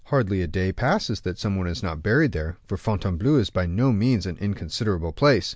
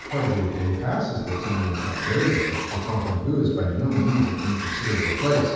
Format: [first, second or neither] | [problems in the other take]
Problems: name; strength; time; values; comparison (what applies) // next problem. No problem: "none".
first | background sound (Sliding door); 8 dB below the speech // room echo; dies away in 1.2 s